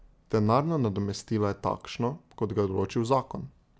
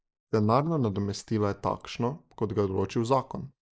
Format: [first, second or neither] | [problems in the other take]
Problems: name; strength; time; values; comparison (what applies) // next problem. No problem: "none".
first | noise reduction (neural mask model Resemble Enhance denoiser)